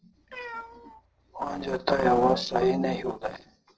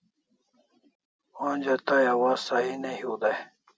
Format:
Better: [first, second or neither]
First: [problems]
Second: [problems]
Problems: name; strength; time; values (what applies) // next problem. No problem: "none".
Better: second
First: noise reduction (neural separator model SepFormer DNS4)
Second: none